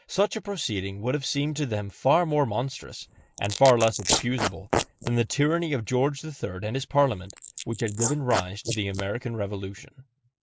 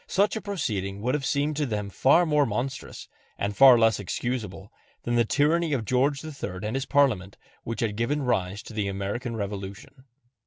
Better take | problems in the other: second | noise reduction (neural mask model Resemble Enhance denoiser)

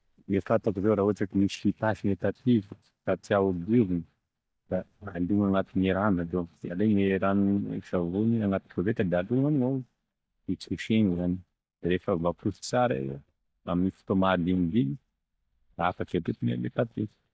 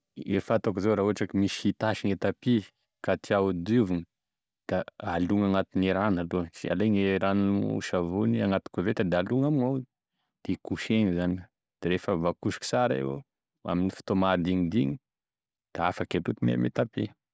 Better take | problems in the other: second | noise reduction (neural mask model DeepFilterNet 3)

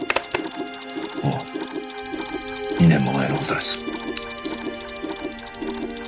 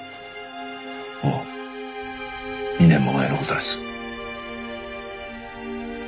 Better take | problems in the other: second | background sound (Zipper (clothing) + Mechanisms); 6 dB below the speech

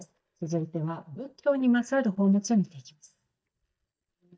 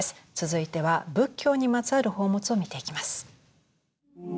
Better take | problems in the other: second | noise reduction (neural mask model DeepFilterNet 3)

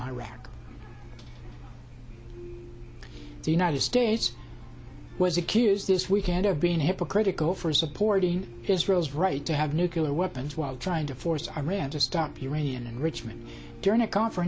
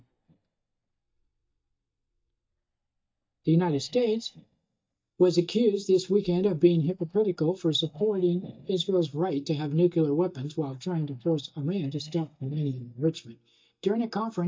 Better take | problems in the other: first | noise reduction (neural mask model DeepFilterNet 3)

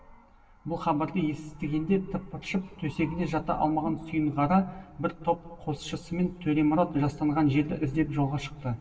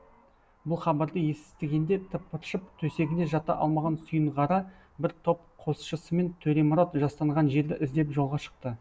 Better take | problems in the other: second | room echo; dies away in 1.7 s

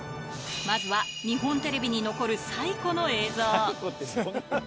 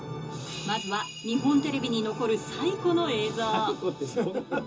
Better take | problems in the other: first | room echo; dies away in 0.2 s

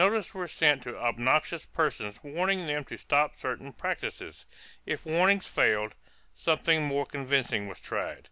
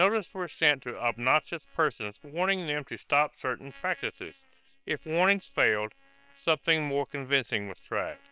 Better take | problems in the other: first | noise reduction (neural separator model SepFormer WHAM!)

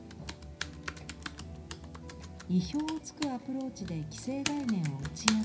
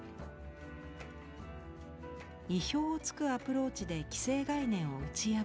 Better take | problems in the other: second | background sound (Computer keyboard); 7 dB below the speech // room echo; dies away in 0.4 s

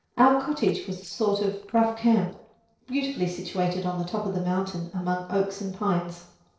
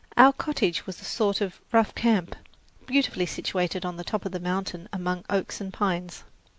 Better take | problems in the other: second | noise reduction (neural separator model SepFormer DNS4)

